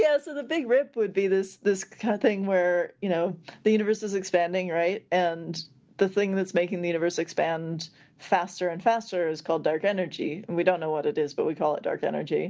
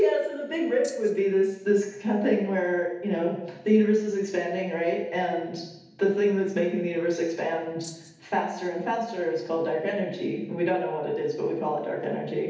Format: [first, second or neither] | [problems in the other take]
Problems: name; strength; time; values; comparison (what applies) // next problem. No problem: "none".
first | background sound (Rattle (instrument)); 19 dB below the speech // room echo; dies away in 0.8 s